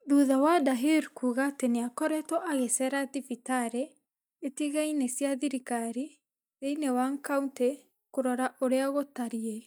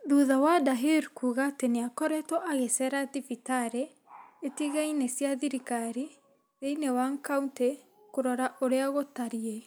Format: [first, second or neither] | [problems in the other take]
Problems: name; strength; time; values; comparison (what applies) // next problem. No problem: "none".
second | noise reduction (neural mask model DeepFilterNet 3)